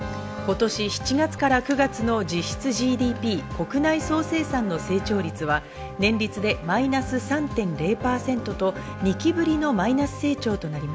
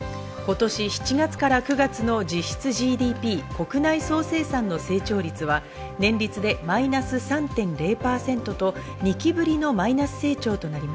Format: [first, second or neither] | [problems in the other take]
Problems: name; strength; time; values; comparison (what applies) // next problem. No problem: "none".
second | background sound (Bowed string instrument); 17 dB below the speech